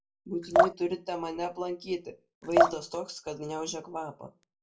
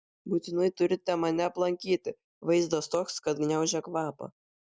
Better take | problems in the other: second | background sound (Drip); 4 dB above the speech // room echo; dies away in 0.2 s

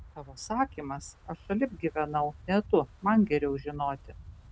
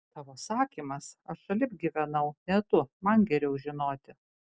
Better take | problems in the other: second | background sound (Wind); 19 dB below the speech

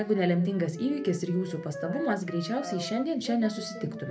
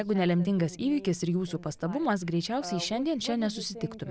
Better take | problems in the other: second | background sound (Wind instrument, woodwind instrument); 14 dB below the speech // room echo; dies away in 0.3 s

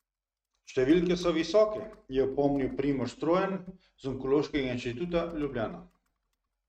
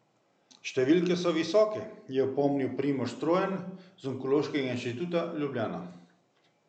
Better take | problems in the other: second | noise reduction (neural mask model RNNoise)

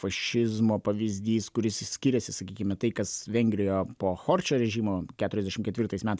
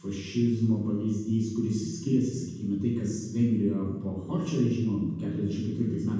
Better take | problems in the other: first | room echo; dies away in 1.1 s

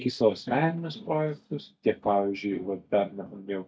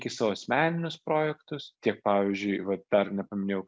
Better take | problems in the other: second | noise reduction (neural mask model DeepFilterNet 3)

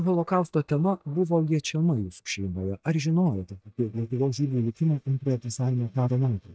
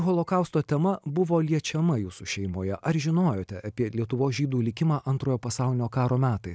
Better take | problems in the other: second | noise reduction (neural mask model DeepFilterNet 3)

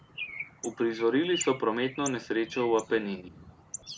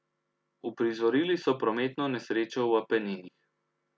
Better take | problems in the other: second | background sound (Bird); 12 dB below the speech

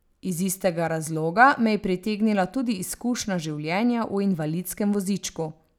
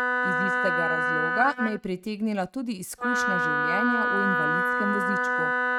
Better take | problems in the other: first | noise reduction (neural mask model RNNoise)

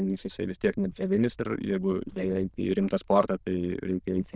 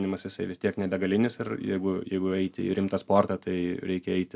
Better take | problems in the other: second | noise reduction (neural diffusion model UNIVERSE++)

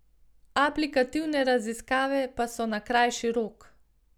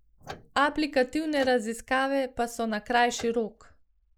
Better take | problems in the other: first | noise reduction (neural mask model Resemble Enhance denoiser)

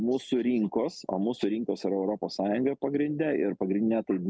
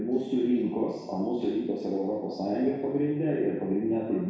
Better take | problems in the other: first | room echo; dies away in 1.1 s

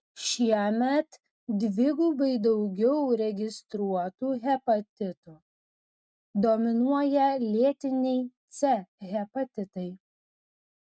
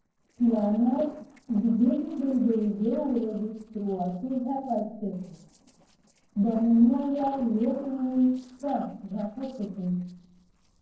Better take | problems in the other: first | noise reduction (neural separator model SepFormer DNS4)

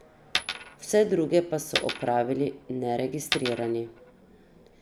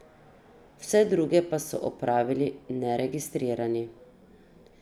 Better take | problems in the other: second | background sound (Coin (dropping)); 7 dB below the speech

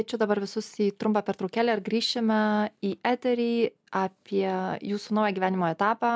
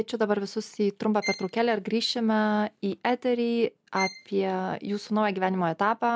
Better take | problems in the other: first | background sound (Bowed string instrument); 12 dB below the speech

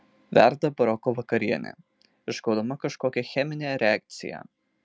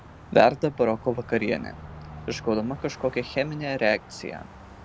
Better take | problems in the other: first | background sound (Car passing by); 17 dB below the speech

